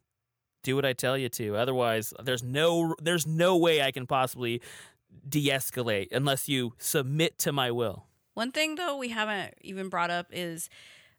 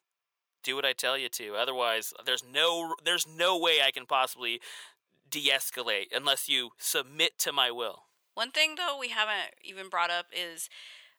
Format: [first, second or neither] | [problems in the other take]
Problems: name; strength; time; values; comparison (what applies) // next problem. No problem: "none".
first | thin; very; fading below 550 Hz